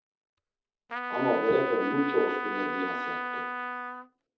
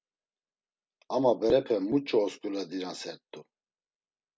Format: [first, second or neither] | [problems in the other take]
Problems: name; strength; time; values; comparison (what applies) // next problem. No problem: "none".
second | background sound (Trumpet); 3 dB below the speech // room echo; dies away in 0.8 s